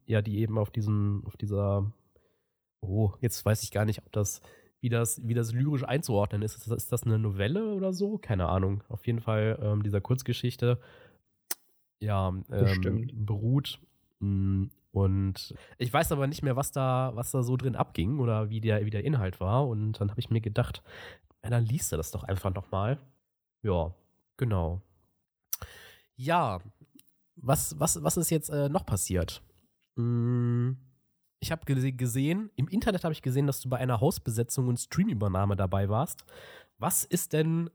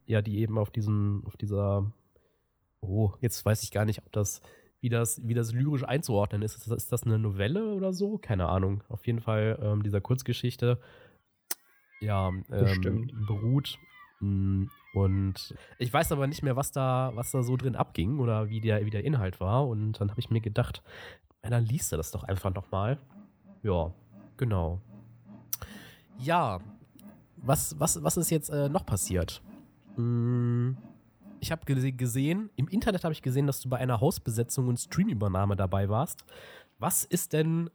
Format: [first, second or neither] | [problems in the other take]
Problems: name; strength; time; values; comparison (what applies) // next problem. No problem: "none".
first | animal sounds; faint; throughout; 25 dB below the speech